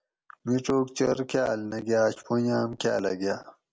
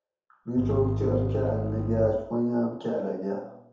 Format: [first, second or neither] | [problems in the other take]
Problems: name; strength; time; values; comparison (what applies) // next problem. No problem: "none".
first | background sound (Bowed string instrument); 2 dB below the speech // room echo; dies away in 0.8 s